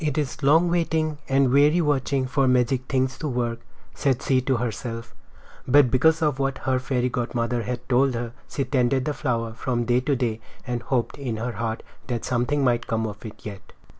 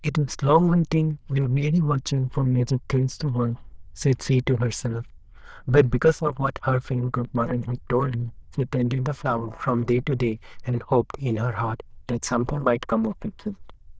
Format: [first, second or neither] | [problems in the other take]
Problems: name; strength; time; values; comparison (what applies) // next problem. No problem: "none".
first | noise reduction (neural diffusion model UNIVERSE++)